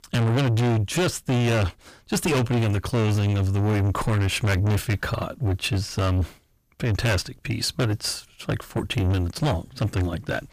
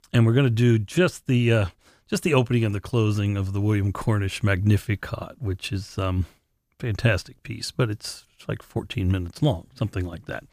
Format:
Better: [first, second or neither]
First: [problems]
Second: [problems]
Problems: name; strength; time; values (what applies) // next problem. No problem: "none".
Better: second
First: distortion; heavy; 5 dB below the speech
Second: none